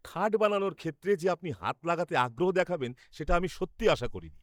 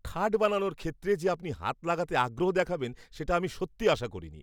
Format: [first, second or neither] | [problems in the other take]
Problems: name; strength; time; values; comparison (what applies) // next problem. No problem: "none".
second | noise reduction (neural mask model DeepFilterNet 3)